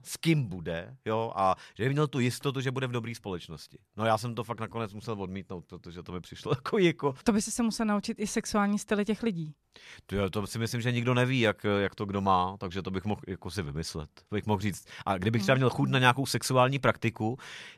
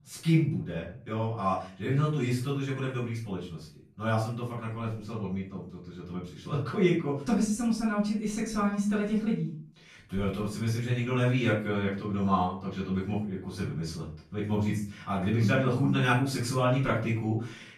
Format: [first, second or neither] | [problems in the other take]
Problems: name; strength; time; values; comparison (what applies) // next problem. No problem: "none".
first | room echo; noticeable; dies away in 0.4 s // off-mic speech; far